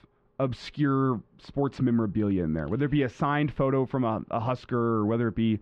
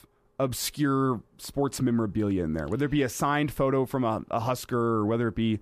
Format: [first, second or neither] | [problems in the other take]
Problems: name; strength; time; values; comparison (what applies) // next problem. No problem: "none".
second | muffled; slightly; fading above 3.5 kHz